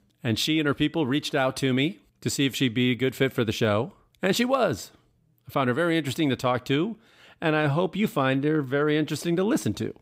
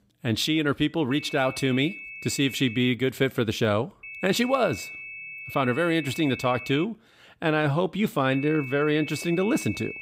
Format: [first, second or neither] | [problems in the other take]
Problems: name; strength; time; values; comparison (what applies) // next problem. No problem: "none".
first | high-pitched whine; noticeable; from 1 to 3 s, from 4 to 7 s and from 8.5 s on; 2.5 kHz, 10 dB below the speech